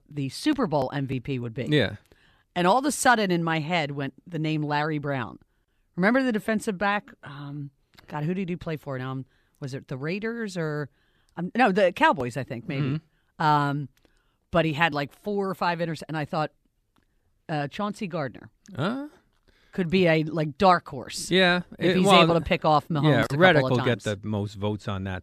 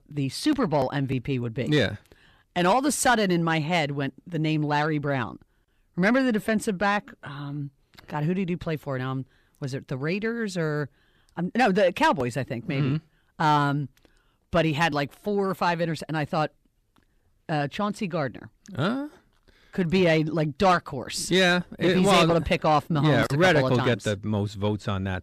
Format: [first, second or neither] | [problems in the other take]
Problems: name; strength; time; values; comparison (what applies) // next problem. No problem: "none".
first | distortion; slight; 10 dB below the speech